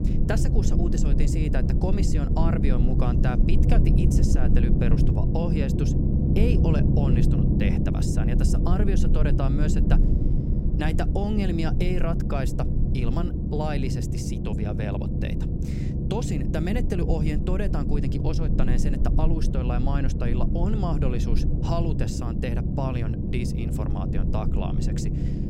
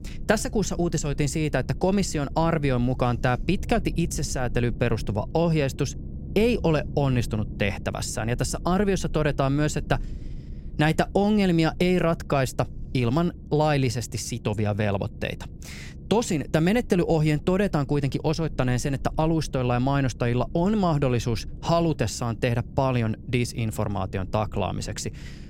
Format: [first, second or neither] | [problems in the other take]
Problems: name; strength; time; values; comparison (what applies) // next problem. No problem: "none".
second | low rumble; loud; throughout; 1 dB below the speech; faint in the second